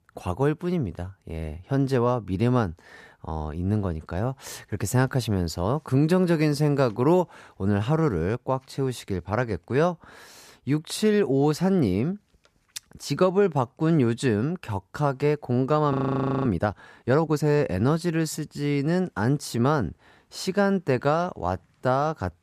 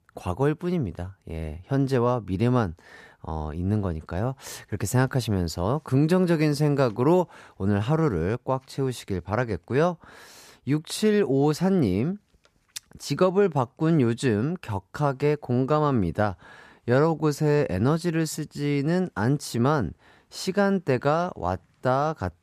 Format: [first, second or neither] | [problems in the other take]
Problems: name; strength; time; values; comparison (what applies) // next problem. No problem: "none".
second | audio freezing; at 16 s for 0.5 s